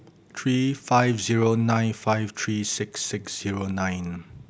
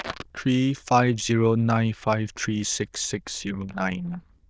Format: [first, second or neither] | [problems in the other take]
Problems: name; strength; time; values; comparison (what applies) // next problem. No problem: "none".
first | noise reduction (neural diffusion model UNIVERSE++)